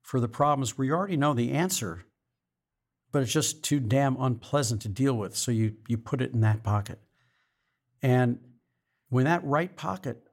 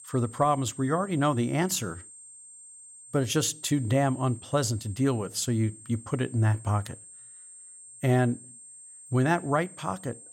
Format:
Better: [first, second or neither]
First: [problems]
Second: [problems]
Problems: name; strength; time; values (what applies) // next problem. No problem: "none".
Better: first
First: none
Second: high-pitched whine; noticeable; throughout; 8.5 kHz, 20 dB below the speech